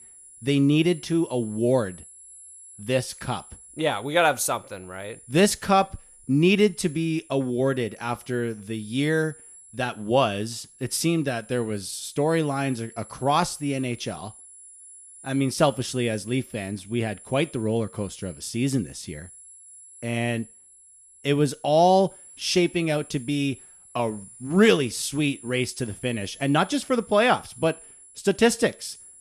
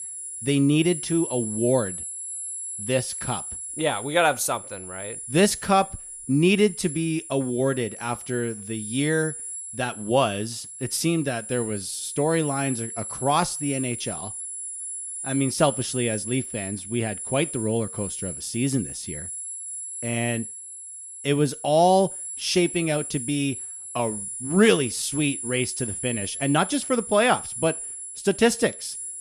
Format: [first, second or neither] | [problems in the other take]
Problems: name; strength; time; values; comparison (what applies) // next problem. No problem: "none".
first | high-pitched whine; loud; throughout; 10.5 kHz, 7 dB below the speech; faint in the first